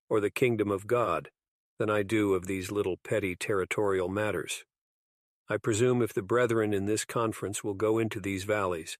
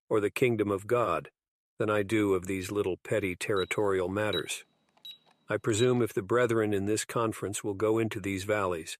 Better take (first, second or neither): first